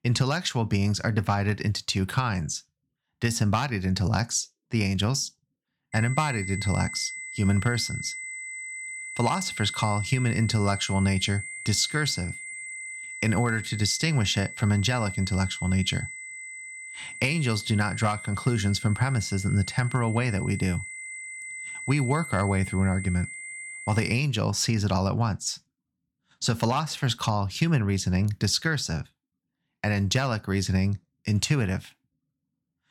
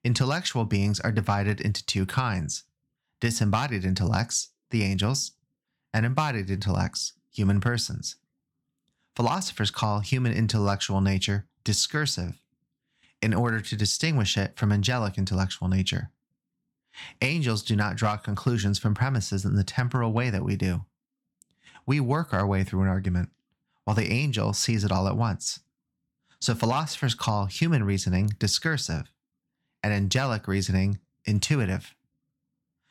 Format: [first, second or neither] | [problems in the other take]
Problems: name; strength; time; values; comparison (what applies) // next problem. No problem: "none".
second | high-pitched whine; loud; from 6 to 24 s; 2 kHz, 10 dB below the speech